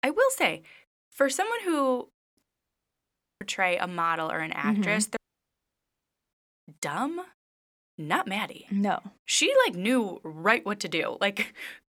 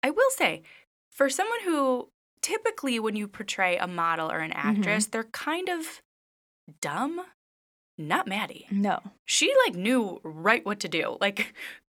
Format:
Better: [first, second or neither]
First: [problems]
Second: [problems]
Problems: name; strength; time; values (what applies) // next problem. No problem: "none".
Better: second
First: audio cutting out; at 2.5 s for 1 s and at 5 s for 1 s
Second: none